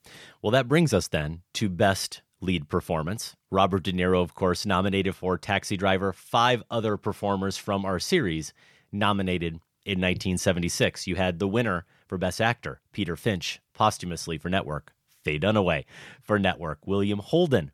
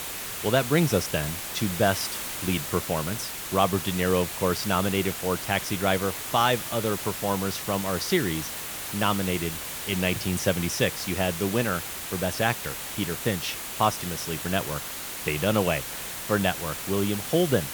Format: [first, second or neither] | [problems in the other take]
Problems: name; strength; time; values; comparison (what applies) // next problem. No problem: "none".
first | hiss; loud; throughout; 5 dB below the speech